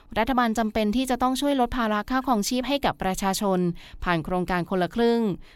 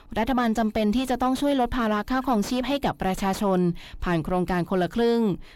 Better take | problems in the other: first | distortion; slight; 10 dB below the speech

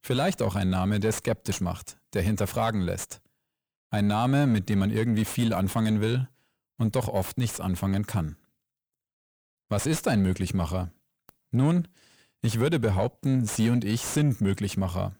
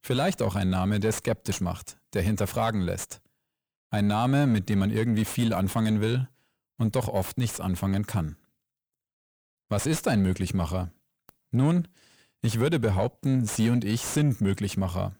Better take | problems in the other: neither | distortion; slight; 10 dB below the speech; the same in both

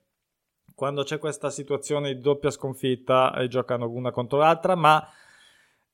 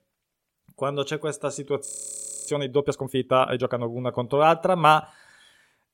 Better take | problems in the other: first | audio freezing; at 2 s for 0.5 s

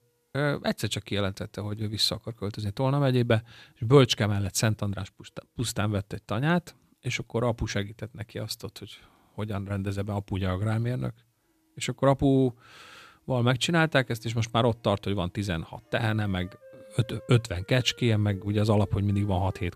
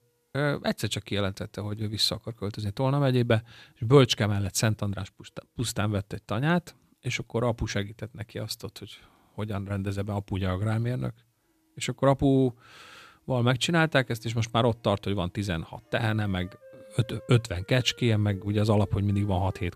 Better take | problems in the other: neither | background music; faint; throughout; 25 dB below the speech; the same in both

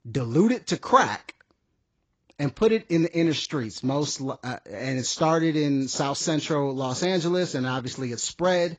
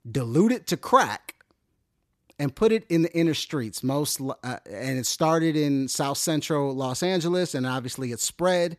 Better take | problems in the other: second | garbled, watery; badly; nothing above 7.5 kHz

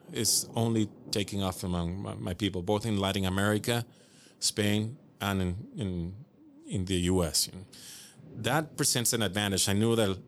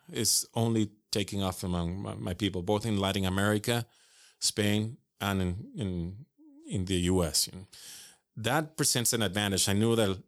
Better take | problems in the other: second | rain or running water; faint; throughout; 25 dB below the speech

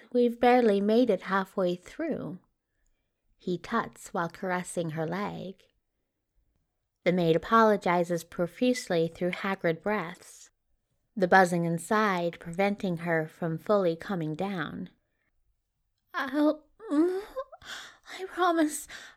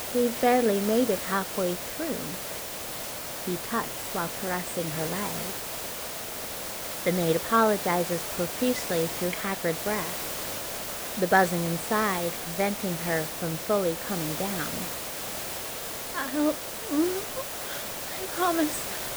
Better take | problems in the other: first | hiss; loud; throughout; 4 dB below the speech

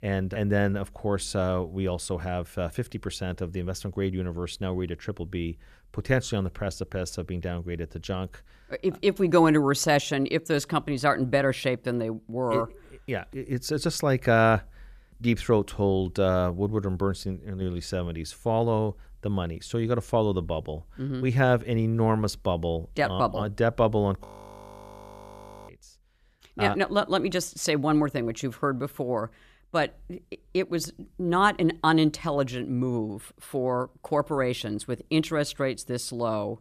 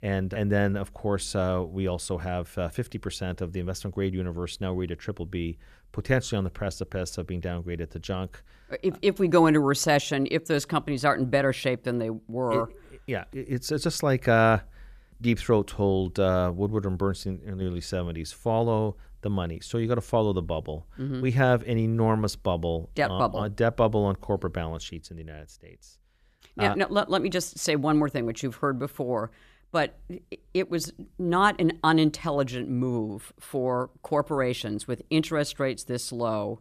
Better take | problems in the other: second | audio freezing; at 24 s for 1.5 s

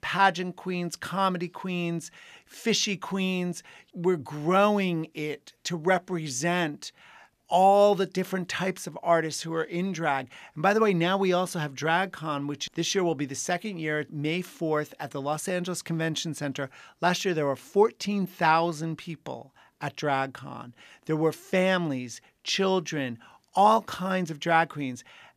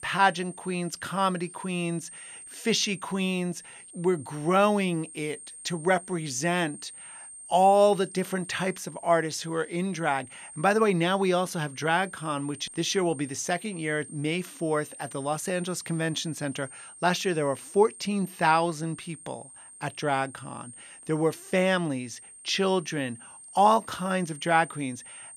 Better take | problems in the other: first | high-pitched whine; noticeable; throughout; 8.5 kHz, 15 dB below the speech

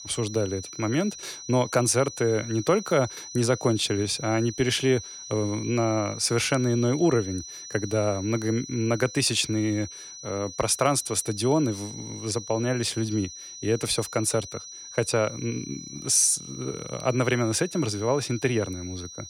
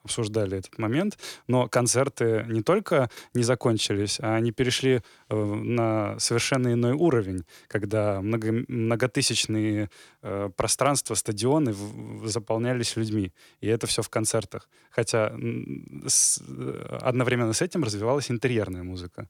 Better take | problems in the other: second | high-pitched whine; noticeable; throughout; 6 kHz, 15 dB below the speech

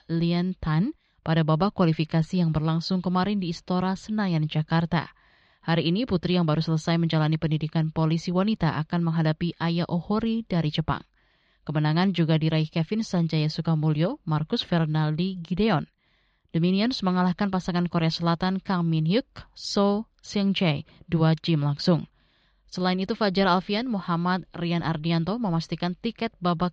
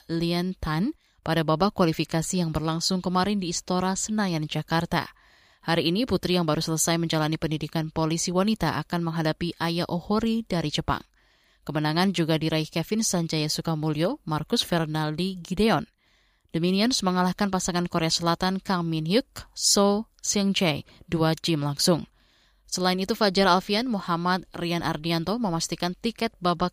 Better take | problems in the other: second | muffled; very slightly; fading above 4 kHz

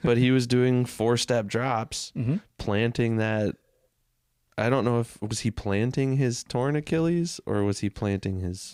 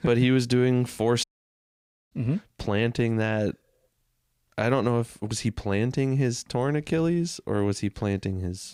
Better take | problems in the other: first | audio cutting out; at 1 s for 1 s

